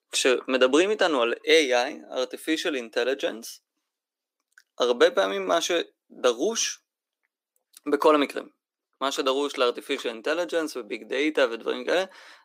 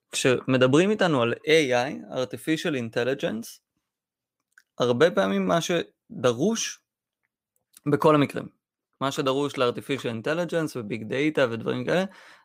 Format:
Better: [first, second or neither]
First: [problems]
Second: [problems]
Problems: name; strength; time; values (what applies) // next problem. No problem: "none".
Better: second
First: thin; very slightly; fading below 300 Hz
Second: none